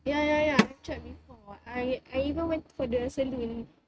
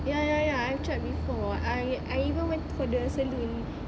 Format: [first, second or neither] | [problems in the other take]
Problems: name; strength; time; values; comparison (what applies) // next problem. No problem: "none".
second | noise reduction (neural mask model RNNoise)